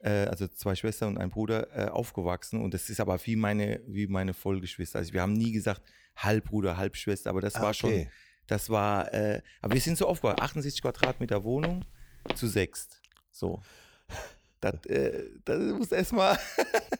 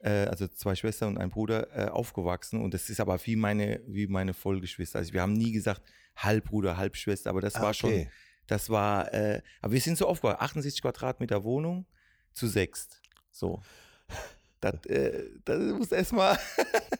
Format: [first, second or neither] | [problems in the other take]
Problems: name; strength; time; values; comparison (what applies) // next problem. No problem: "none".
second | footsteps; loud; from 9.5 to 12 s; peak level with the speech